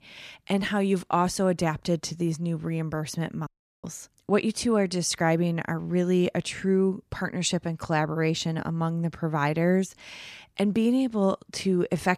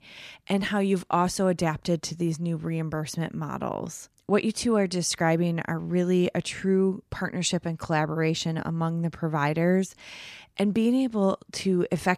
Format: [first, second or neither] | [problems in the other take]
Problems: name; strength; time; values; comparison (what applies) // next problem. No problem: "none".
second | audio cutting out; at 3.5 s